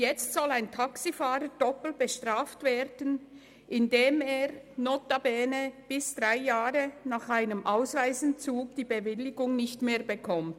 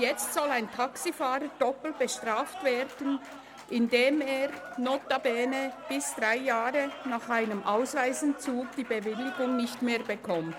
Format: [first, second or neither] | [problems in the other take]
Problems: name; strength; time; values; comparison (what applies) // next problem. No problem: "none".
first | background sound (Applause / Cheering); 13 dB below the speech